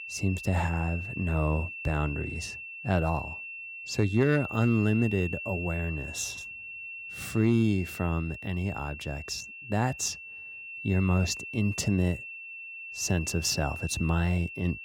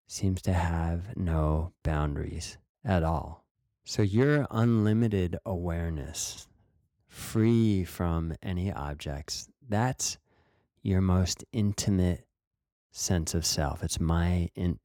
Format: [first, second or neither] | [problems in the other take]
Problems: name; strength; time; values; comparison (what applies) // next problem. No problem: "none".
second | high-pitched whine; loud; throughout; 2.5 kHz, 9 dB below the speech